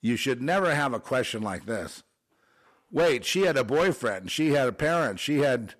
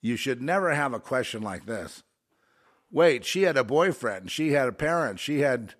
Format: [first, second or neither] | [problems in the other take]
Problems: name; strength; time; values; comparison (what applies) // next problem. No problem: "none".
second | distortion; slight; 8% of the sound clipped